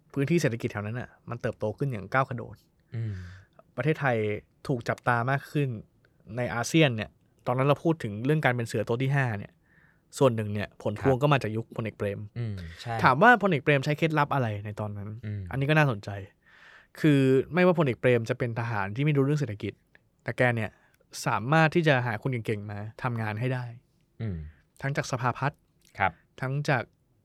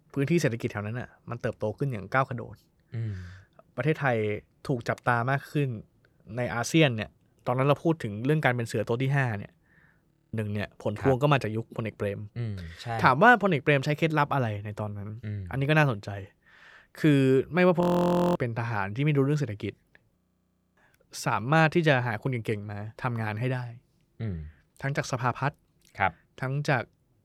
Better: first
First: none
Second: audio freezing; at 10 s, at 18 s for 0.5 s and at 20 s for 0.5 s

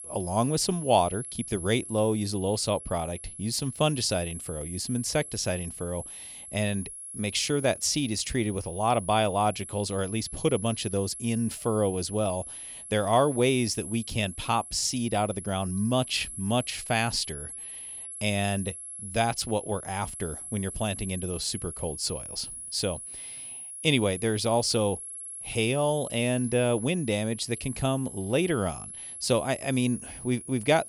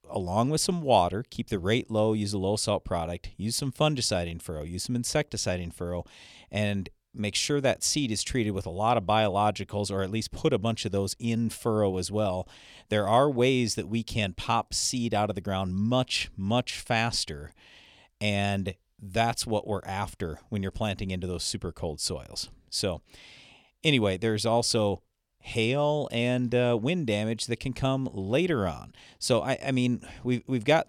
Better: second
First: high-pitched whine; loud; throughout; 11 kHz, 10 dB below the speech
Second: none

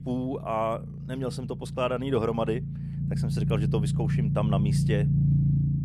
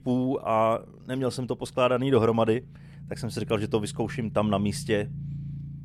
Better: second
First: low rumble; loud; throughout; 6 dB below the speech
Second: low rumble; faint; throughout; 25 dB below the speech

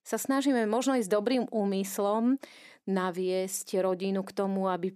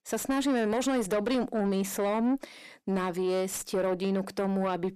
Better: first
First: none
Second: distortion; slight; 10 dB below the speech

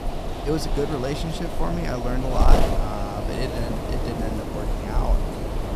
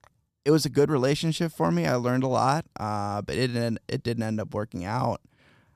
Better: second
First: wind noise on the microphone; heavy; 1 dB above the speech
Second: none

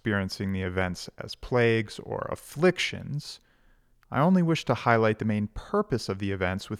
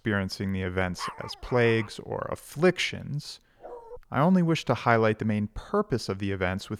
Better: first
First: none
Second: dog barking; faint; at 1 s and at 3.5 s; peak 10 dB below the speech

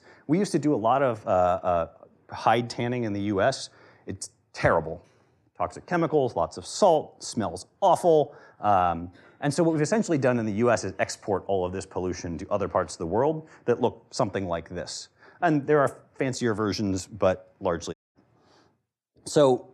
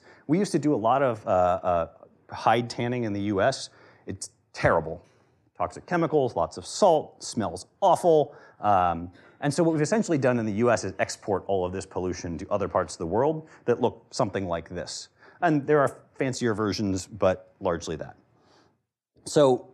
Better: second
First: audio cutting out; at 18 s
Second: none

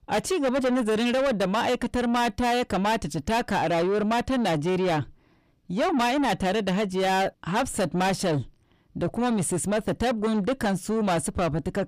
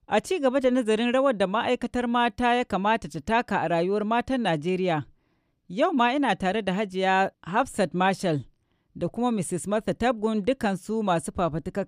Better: second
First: distortion; heavy; 7 dB below the speech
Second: none

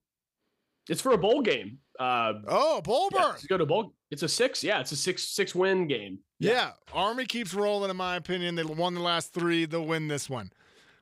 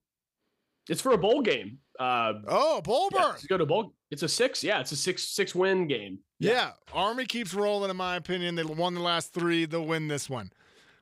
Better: neither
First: none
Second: none

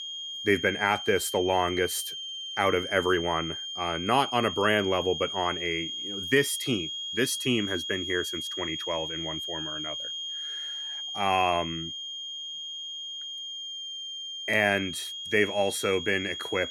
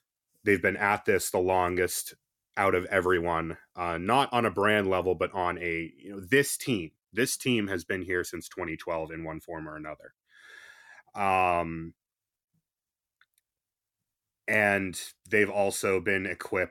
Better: second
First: high-pitched whine; loud; throughout; 3 kHz, 6 dB below the speech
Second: none

